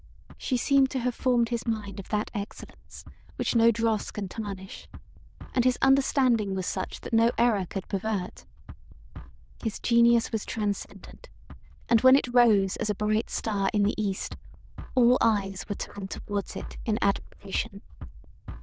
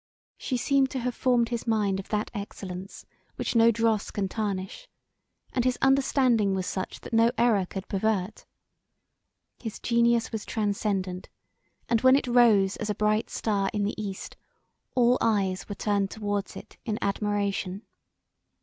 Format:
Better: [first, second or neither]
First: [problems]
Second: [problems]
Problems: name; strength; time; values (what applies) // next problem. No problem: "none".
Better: second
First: noise reduction (neural diffusion model UNIVERSE++)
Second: none